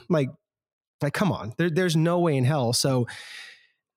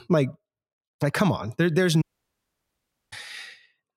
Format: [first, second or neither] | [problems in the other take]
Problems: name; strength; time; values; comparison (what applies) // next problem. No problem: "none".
first | audio cutting out; at 2 s for 1 s